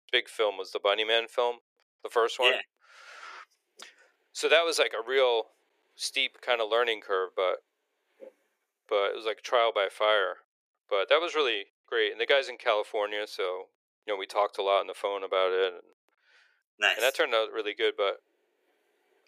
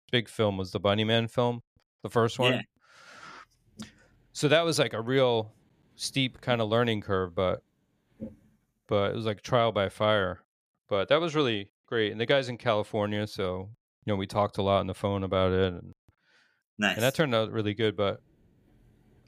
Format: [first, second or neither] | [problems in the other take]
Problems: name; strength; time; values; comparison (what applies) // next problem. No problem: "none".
second | thin; very; fading below 400 Hz